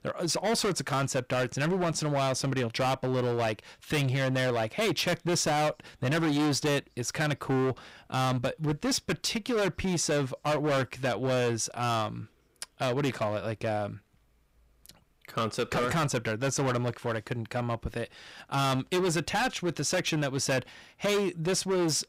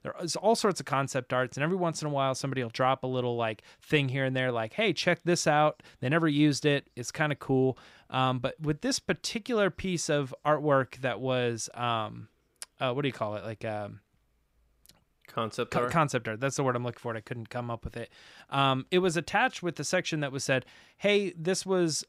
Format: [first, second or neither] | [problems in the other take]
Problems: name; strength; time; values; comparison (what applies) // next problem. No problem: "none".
second | distortion; heavy; 18% of the sound clipped